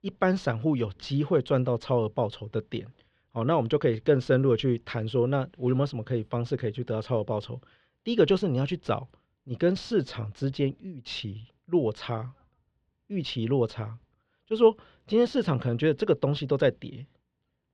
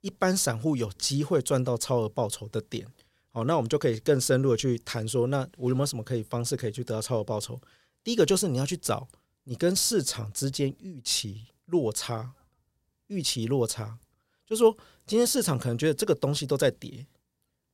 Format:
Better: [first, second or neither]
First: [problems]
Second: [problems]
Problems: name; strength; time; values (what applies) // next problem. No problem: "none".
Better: second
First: muffled; very; fading above 3 kHz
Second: none